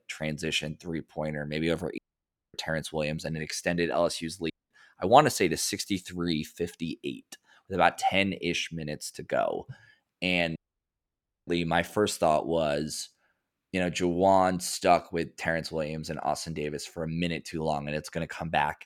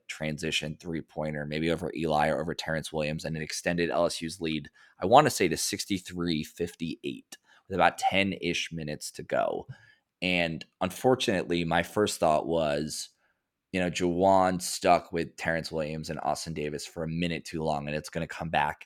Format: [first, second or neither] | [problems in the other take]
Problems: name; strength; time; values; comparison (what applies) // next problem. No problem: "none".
second | audio cutting out; at 2 s for 0.5 s, at 4.5 s and at 11 s for 1 s